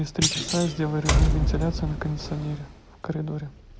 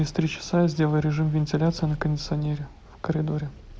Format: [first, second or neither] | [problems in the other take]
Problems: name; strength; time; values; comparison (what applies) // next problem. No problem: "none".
second | background sound (Thump, thud + Door); 2 dB above the speech